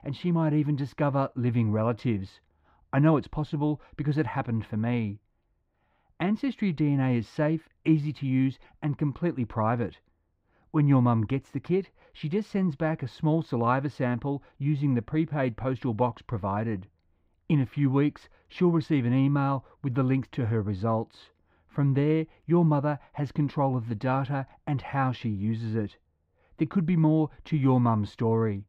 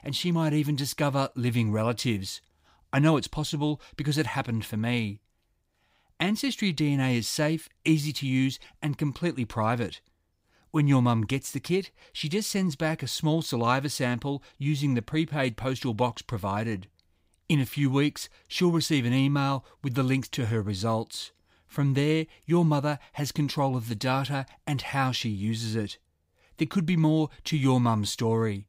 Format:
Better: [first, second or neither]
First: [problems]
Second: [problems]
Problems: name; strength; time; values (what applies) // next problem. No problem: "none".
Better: second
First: muffled; very; fading above 3.5 kHz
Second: none